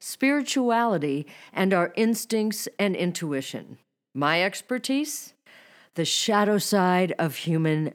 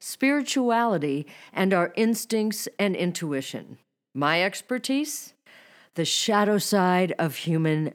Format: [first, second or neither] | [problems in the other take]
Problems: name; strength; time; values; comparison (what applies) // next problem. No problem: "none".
neither | none